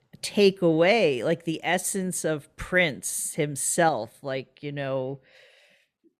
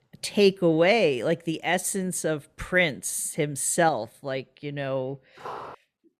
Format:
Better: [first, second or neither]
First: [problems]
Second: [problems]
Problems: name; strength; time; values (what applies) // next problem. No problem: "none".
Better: first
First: none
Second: footsteps; faint; at 5.5 s; peak 15 dB below the speech